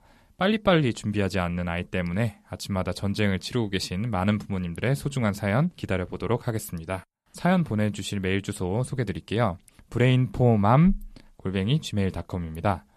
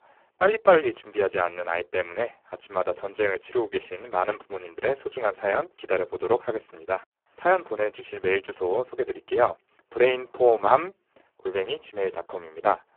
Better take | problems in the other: first | phone-call audio; poor line

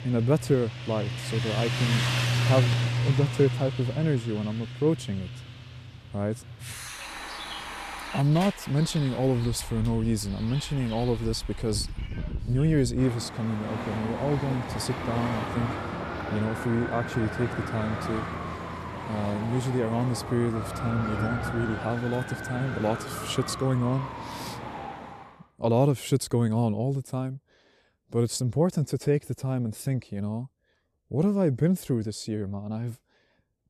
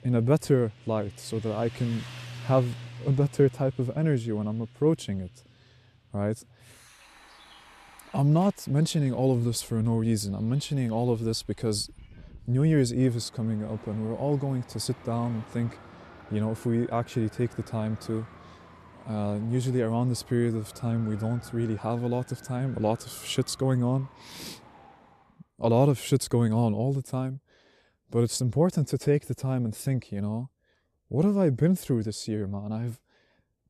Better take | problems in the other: second | traffic noise; loud; until 25 s; 5 dB below the speech; faint in the second

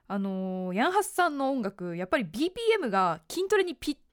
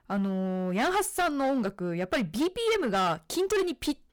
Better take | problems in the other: first | distortion; heavy; 14% of the sound clipped

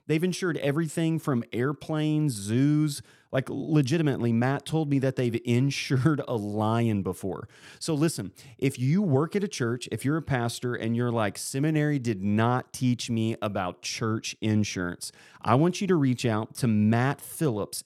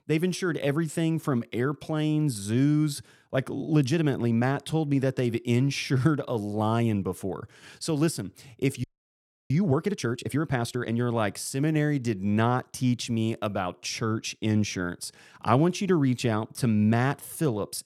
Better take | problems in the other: first | audio freezing; at 9 s for 0.5 s

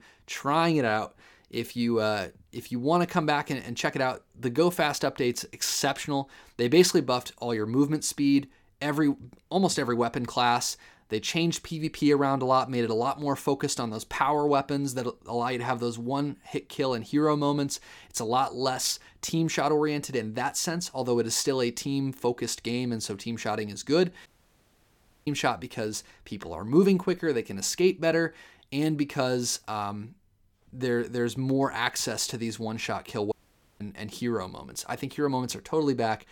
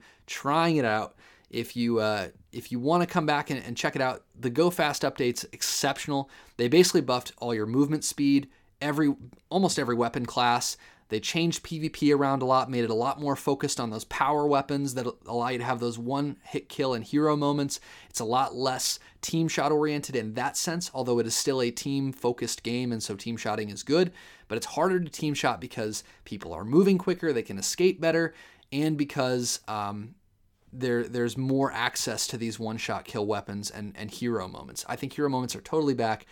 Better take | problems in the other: second | audio cutting out; at 24 s for 1 s and at 33 s

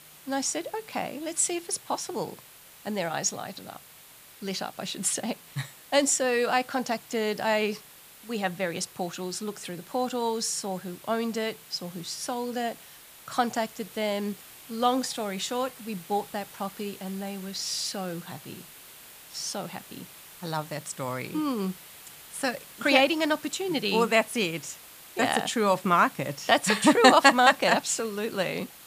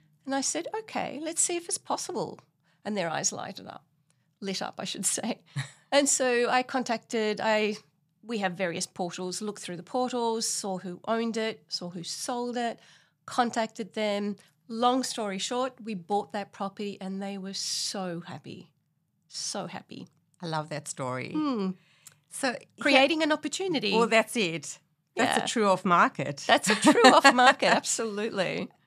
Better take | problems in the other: second | hiss; noticeable; throughout; 20 dB below the speech

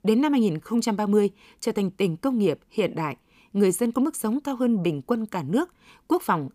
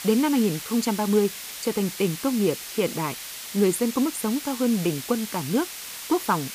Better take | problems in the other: first | hiss; loud; throughout; 8 dB below the speech

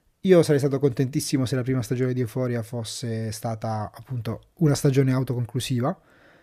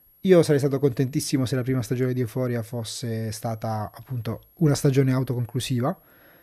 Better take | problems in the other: first | high-pitched whine; faint; throughout; 11.5 kHz, 30 dB below the speech

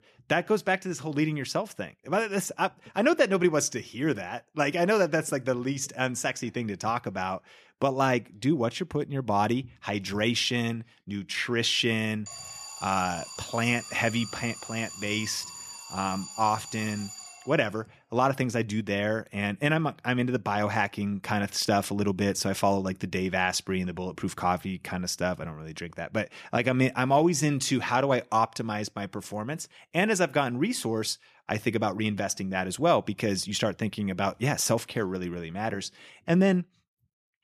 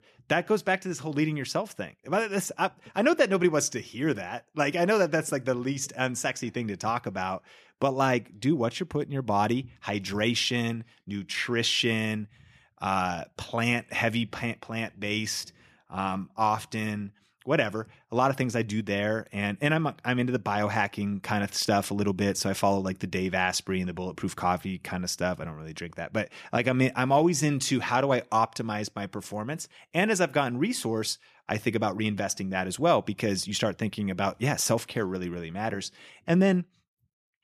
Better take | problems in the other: second | alarm; faint; from 12 to 18 s; peak 10 dB below the speech

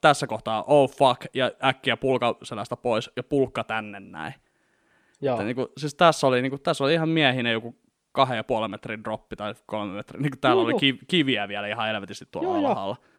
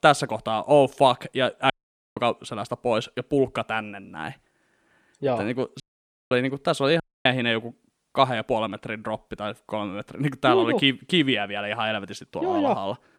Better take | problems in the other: first | audio cutting out; at 1.5 s, at 6 s for 0.5 s and at 7 s

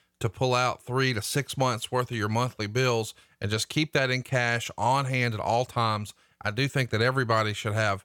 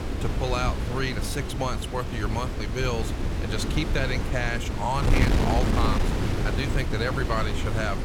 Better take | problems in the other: first | wind noise on the microphone; heavy; 4 dB below the speech

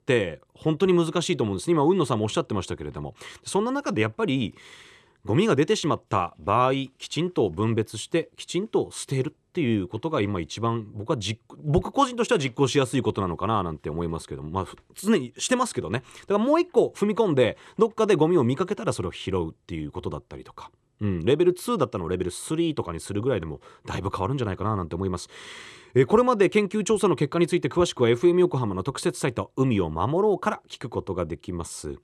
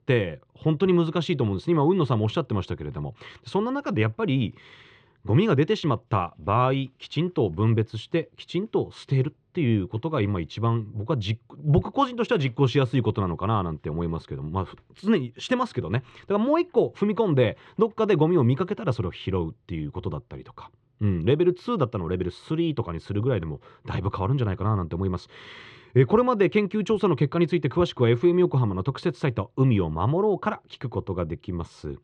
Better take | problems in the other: first | muffled; slightly; fading above 4 kHz

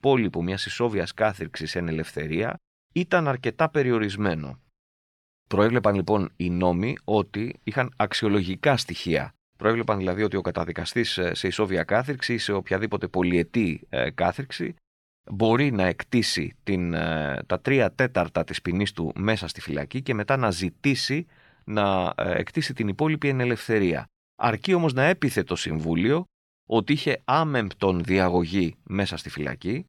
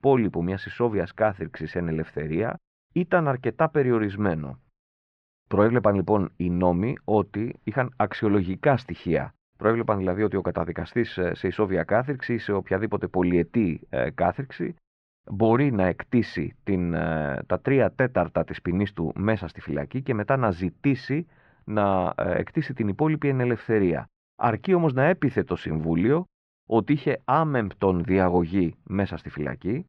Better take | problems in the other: first | muffled; very; fading above 1.5 kHz

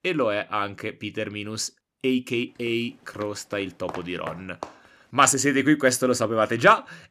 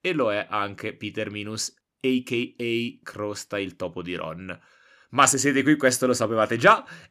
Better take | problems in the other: second | footsteps; faint; from 2.5 to 4.5 s; peak 15 dB below the speech

